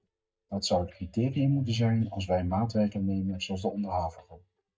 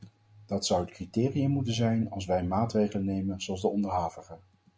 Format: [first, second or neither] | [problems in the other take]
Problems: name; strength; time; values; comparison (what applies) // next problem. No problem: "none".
second | noise reduction (neural mask model DeepFilterNet 3)